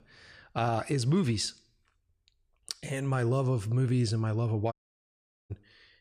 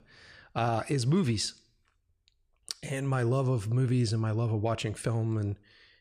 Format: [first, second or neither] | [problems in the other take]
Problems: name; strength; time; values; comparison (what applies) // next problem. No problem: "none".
second | audio cutting out; at 4.5 s for 1 s